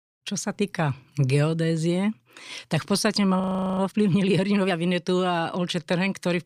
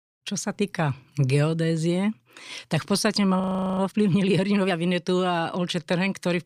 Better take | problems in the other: neither | audio freezing; at 3.5 s; the same in both

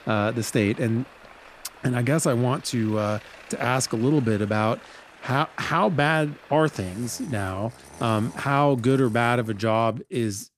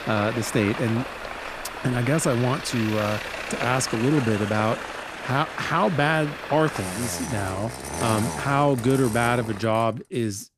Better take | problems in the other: first | traffic noise; loud; throughout; 8 dB below the speech; faint in the first

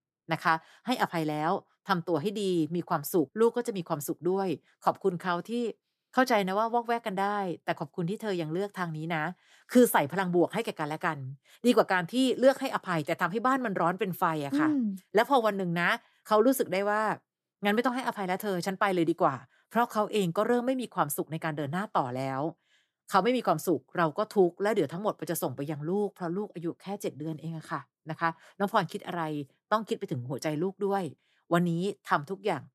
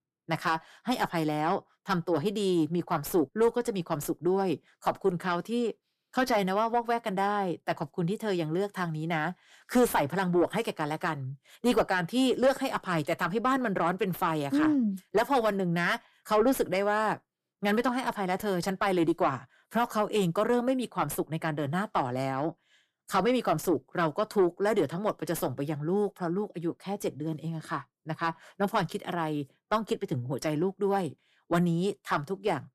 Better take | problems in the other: first | distortion; slight; 10 dB below the speech

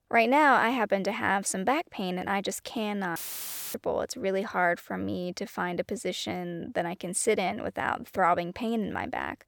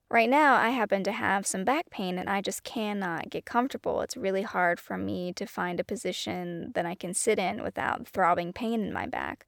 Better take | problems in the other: second | audio cutting out; filled with static; at 3 s for 0.5 s

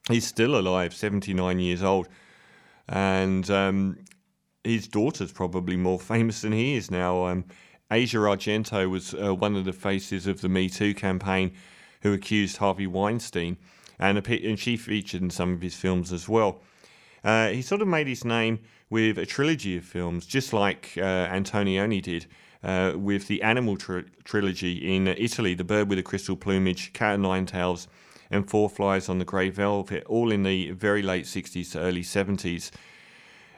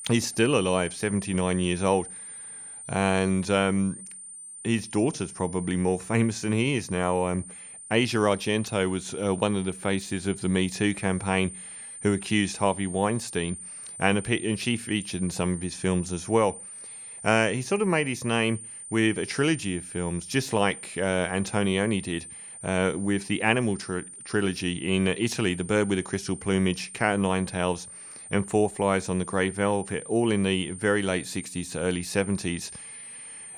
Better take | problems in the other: first | high-pitched whine; noticeable; throughout; 9 kHz, 15 dB below the speech

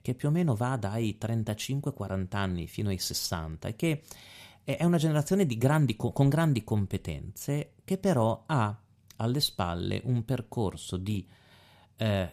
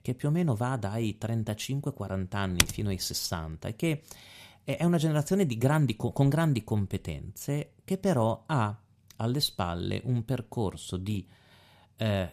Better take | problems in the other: first | keyboard typing; very faint; at 2.5 s; peak 3 dB above the speech

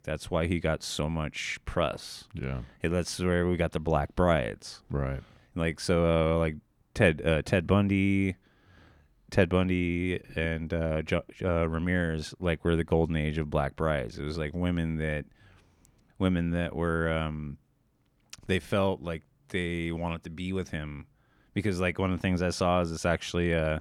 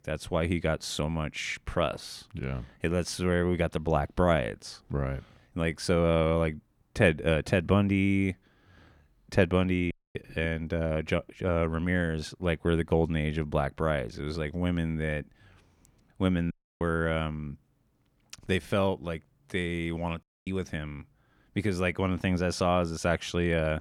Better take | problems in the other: first | audio cutting out; at 10 s, at 17 s and at 20 s

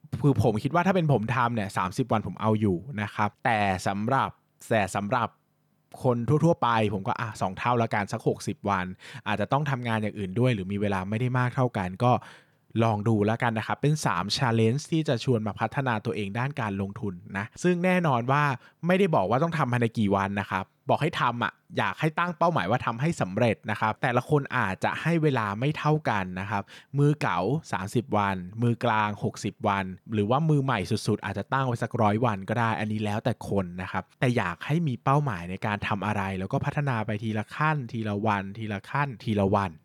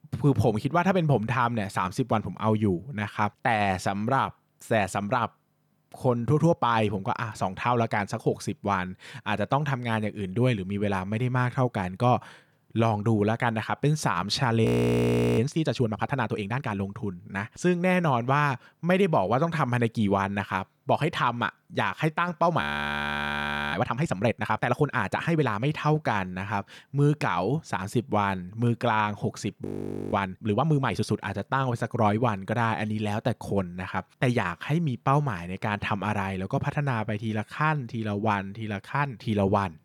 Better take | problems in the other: first | audio freezing; at 15 s for 0.5 s, at 23 s for 1 s and at 30 s

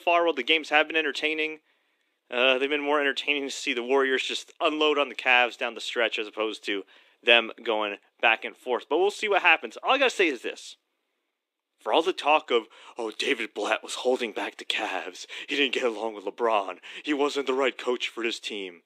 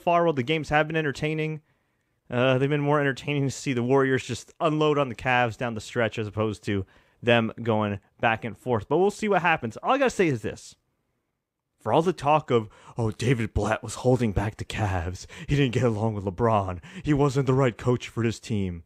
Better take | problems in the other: second | thin; somewhat; fading below 300 Hz

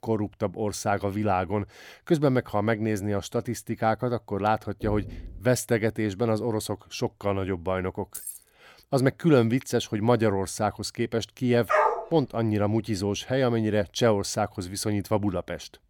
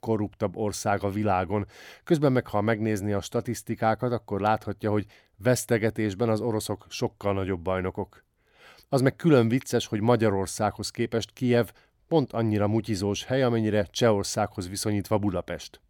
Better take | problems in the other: second | door banging; faint; at 5 s; peak 15 dB below the speech // jangling keys; noticeable; at 8 s; peak 10 dB below the speech // dog barking; loud; at 12 s; peak 3 dB above the speech

